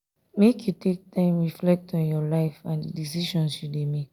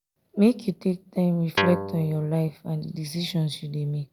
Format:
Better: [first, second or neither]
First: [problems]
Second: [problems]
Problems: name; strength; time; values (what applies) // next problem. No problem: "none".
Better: first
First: none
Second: background sound (Guitar); 3 dB below the speech